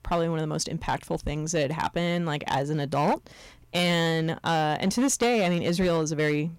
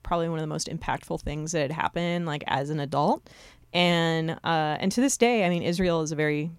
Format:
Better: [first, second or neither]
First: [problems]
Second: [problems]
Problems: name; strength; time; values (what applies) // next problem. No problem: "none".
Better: second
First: distortion; slight; 9% of the sound clipped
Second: none